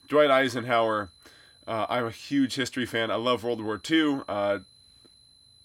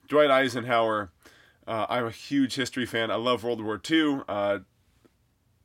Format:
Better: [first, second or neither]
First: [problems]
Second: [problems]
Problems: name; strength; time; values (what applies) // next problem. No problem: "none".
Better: second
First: high-pitched whine; faint; throughout; 4 kHz, 30 dB below the speech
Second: none